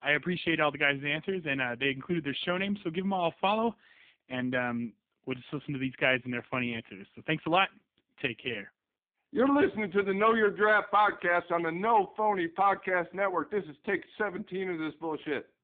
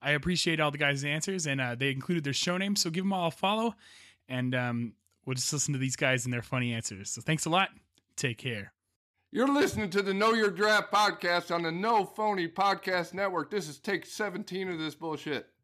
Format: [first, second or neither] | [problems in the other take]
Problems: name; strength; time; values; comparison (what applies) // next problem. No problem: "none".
second | phone-call audio; poor line